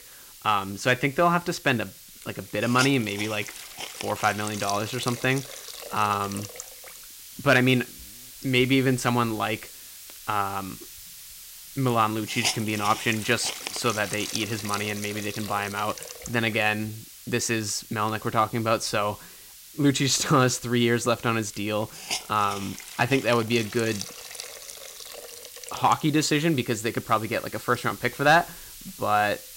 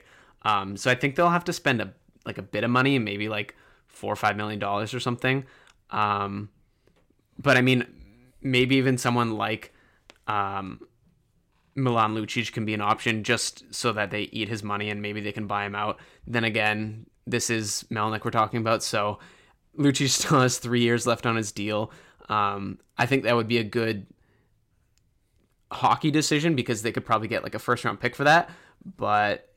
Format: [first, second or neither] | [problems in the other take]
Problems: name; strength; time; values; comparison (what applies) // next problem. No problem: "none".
second | hiss; noticeable; throughout; 10 dB below the speech